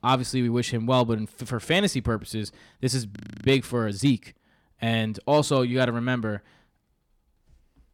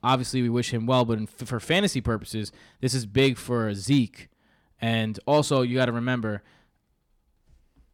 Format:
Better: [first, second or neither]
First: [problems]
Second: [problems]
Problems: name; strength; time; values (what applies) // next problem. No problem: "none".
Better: second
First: audio freezing; at 3 s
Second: none